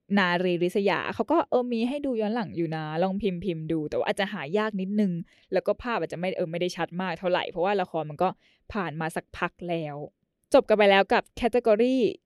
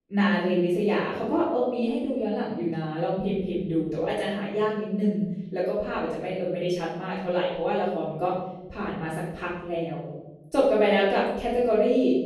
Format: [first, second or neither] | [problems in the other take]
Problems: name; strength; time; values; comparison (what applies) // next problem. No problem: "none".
first | room echo; noticeable; dies away in 0.9 s // off-mic speech; far